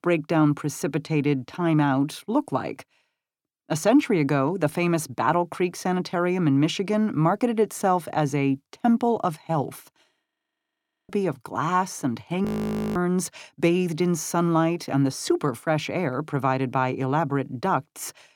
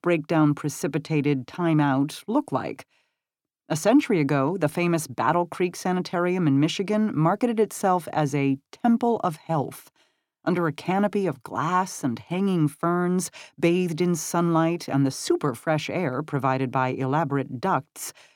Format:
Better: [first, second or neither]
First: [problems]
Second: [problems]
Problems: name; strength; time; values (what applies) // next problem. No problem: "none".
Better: second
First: audio freezing; at 10 s for 1 s and at 12 s for 0.5 s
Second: none